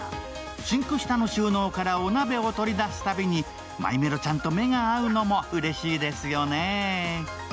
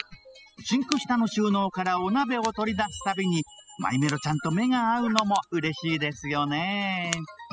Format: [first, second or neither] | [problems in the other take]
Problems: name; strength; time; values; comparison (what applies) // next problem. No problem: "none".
first | noise reduction (classical method spectral subtraction)